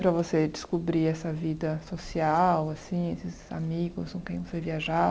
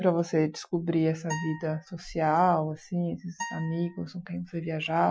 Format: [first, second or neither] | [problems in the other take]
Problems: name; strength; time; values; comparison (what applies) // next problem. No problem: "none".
first | noise reduction (classical method Wiener filter)